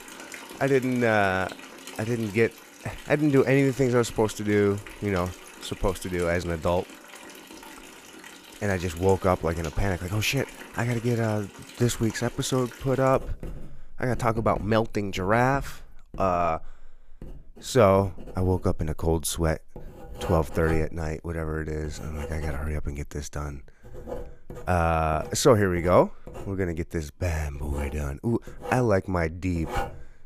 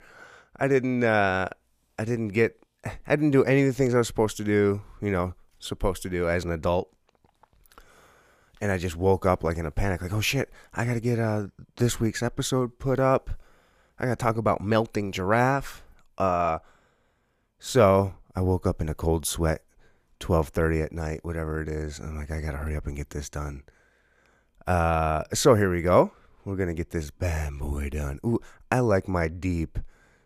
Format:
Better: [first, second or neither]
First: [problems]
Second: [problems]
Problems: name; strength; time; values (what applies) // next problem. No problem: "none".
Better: second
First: household noises; noticeable; throughout; 15 dB below the speech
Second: none